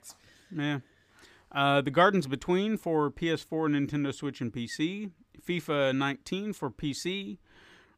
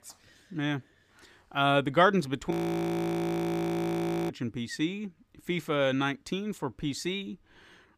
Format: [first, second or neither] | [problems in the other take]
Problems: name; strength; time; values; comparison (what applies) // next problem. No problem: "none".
first | audio freezing; at 2.5 s for 2 s